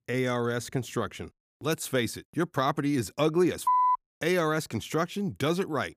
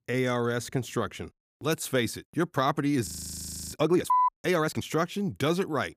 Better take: first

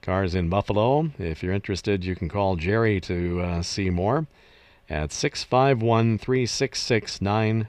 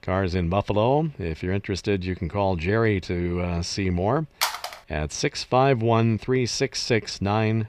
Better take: first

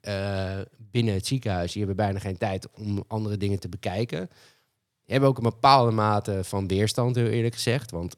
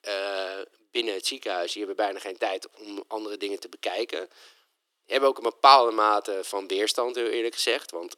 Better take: first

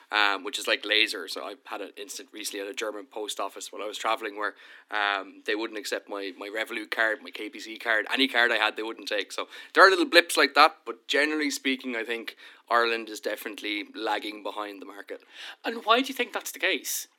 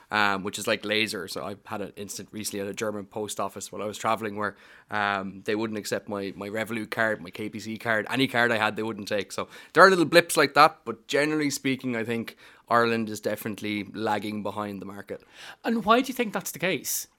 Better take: second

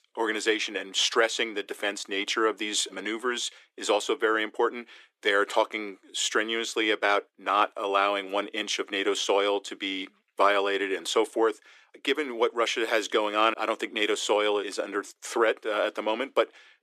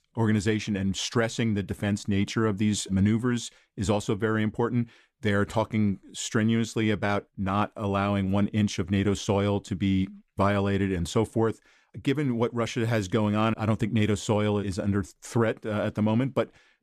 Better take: second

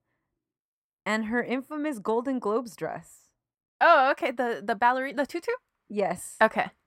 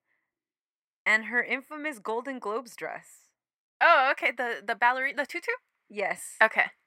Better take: first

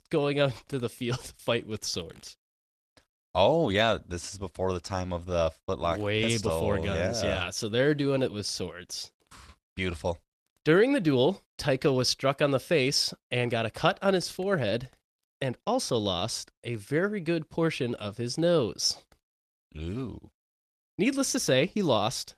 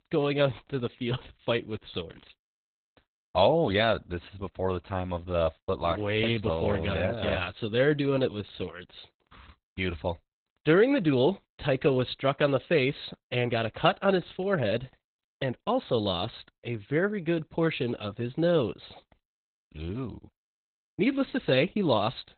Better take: first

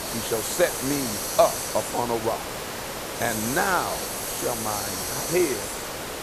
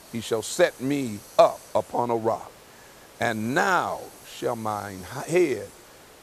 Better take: second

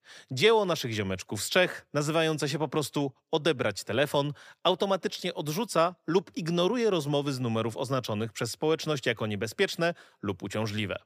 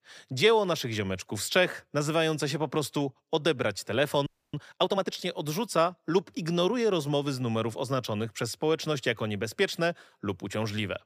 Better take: first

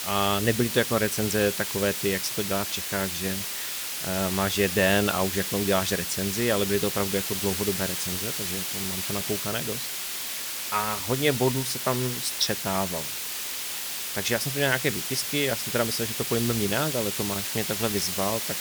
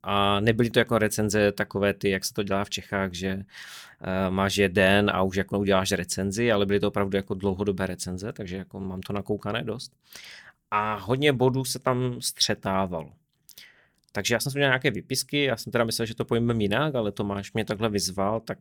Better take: second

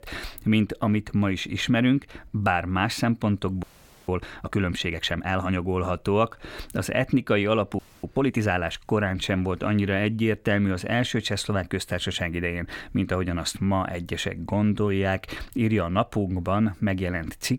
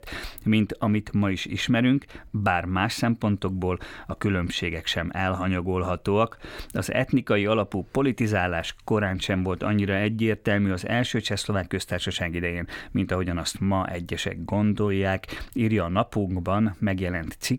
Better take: second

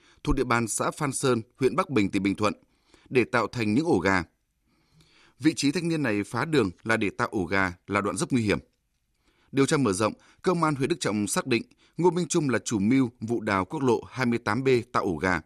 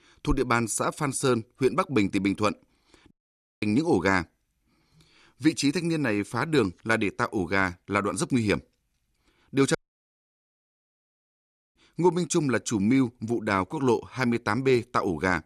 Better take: first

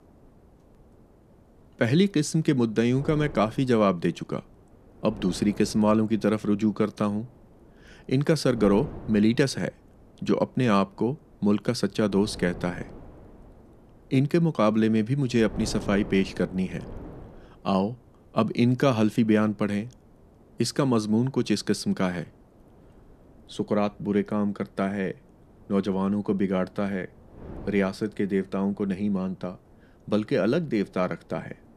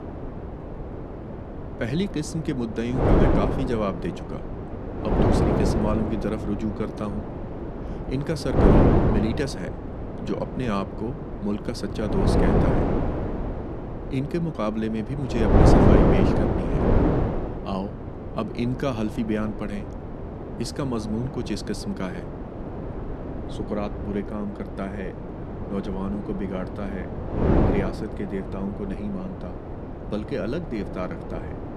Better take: first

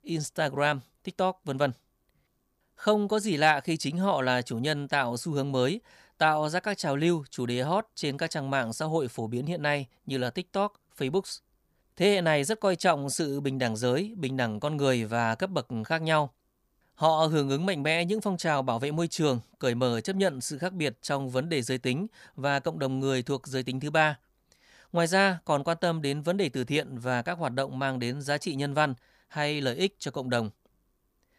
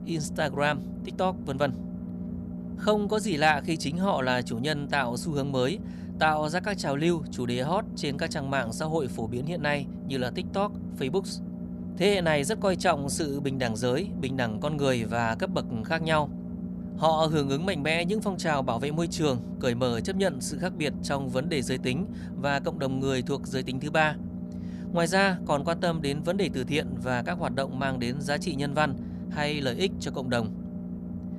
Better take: first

